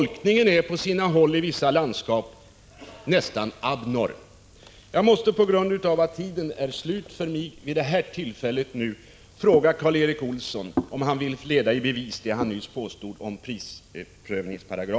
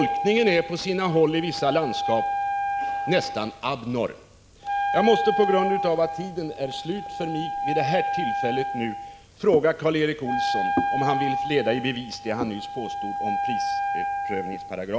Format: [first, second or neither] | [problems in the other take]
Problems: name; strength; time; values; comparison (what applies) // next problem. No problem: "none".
first | background sound (Wind instrument, woodwind instrument); 3 dB below the speech